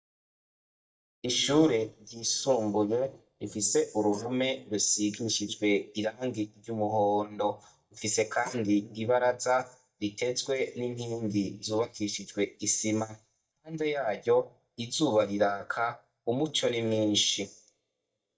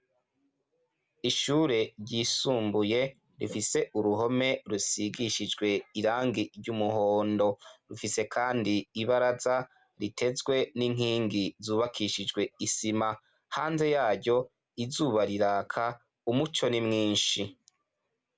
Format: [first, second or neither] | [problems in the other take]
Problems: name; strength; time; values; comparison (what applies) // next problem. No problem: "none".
second | noise reduction (neural mask model DeepFilterNet 3)